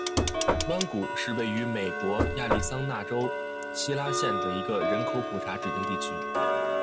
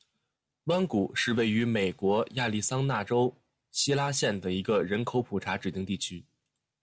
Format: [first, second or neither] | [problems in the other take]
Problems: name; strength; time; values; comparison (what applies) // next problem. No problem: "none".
second | background sound (Tick-tock + Knock); 3 dB above the speech